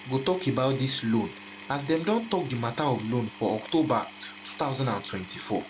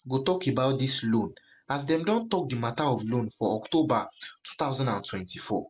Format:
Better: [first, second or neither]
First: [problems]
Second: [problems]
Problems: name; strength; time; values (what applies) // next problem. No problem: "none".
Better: second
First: background sound (Power tool); 17 dB below the speech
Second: none